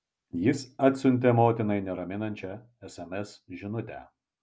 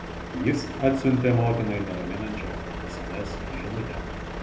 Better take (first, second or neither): first